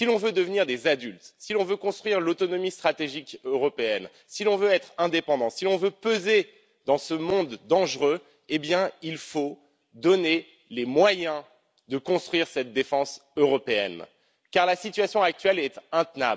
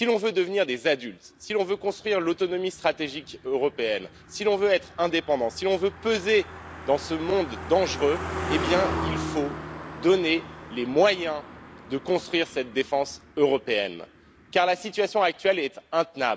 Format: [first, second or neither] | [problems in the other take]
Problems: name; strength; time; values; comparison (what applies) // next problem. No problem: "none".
first | background sound (Car passing by); 12 dB below the speech